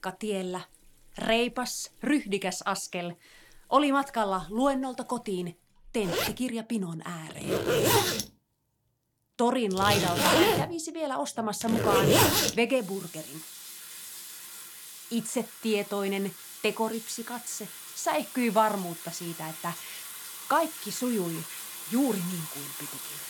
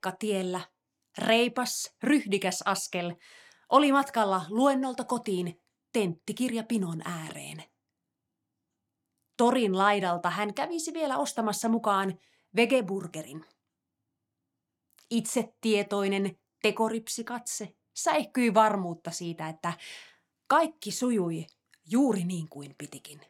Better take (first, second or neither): second